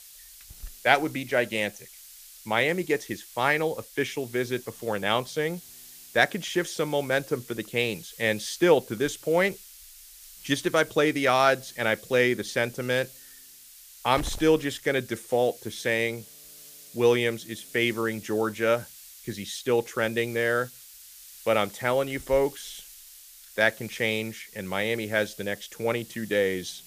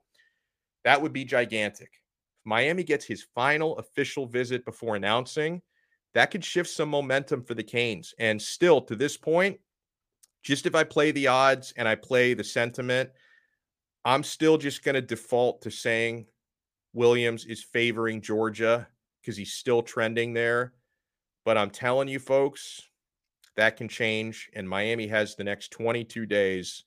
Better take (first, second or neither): second